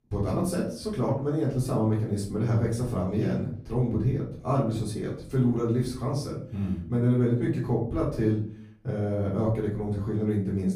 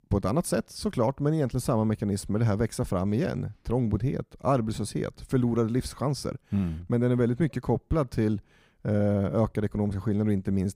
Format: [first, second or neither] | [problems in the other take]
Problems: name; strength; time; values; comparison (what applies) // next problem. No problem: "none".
second | off-mic speech; far // room echo; slight; dies away in 0.4 s